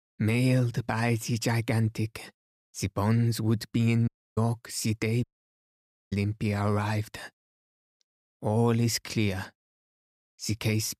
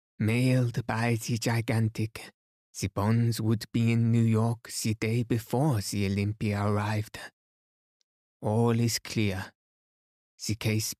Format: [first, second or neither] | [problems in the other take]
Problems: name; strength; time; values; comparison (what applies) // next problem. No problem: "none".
second | audio cutting out; at 4 s and at 5 s for 1 s